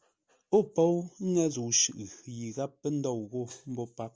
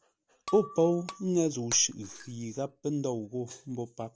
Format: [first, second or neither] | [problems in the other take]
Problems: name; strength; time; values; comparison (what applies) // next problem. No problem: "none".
first | background sound (Shatter); 18 dB below the speech